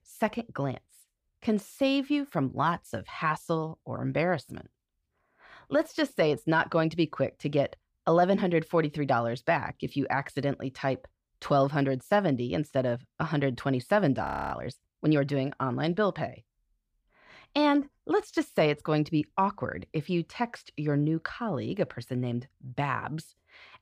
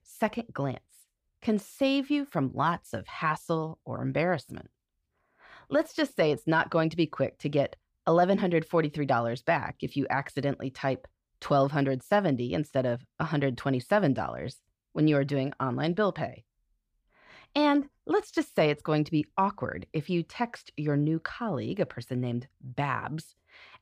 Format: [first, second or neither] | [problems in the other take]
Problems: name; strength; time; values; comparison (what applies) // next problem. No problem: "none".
second | audio freezing; at 14 s